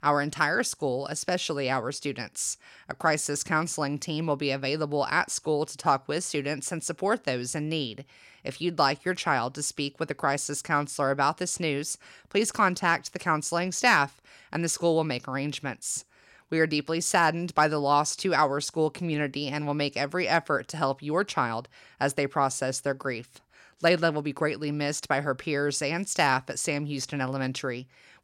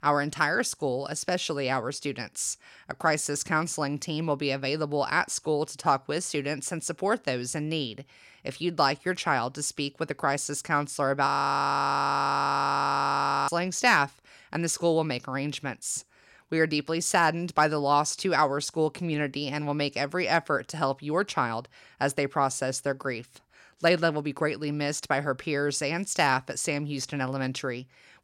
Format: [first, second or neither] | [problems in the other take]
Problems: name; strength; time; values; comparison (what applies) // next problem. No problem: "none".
first | audio freezing; at 11 s for 2 s